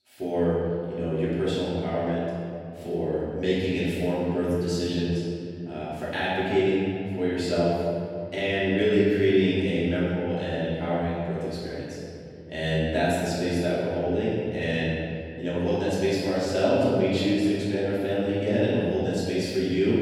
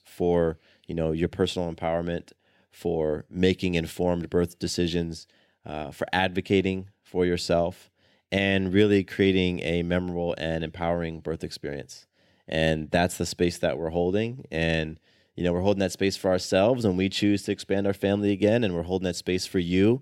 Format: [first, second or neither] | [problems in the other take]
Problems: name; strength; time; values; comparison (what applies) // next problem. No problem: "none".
second | room echo; strong; dies away in 2.4 s // off-mic speech; far